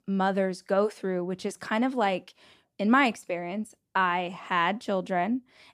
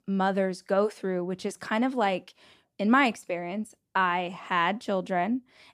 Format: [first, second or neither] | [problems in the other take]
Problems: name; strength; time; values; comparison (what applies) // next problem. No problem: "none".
neither | none